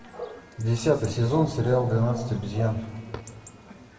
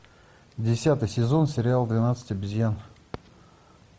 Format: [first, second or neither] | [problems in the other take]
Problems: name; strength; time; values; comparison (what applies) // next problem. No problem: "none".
second | background sound (Bark / Chatter / Chirp, tweet / Livestock, farm animals, working animals); 14 dB below the speech // room echo; dies away in 1.3 s